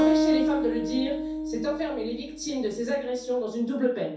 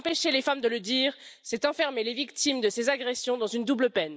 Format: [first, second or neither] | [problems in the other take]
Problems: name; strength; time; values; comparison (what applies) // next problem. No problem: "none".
second | background sound (Acoustic guitar); as loud as the speech // room echo; dies away in 0.6 s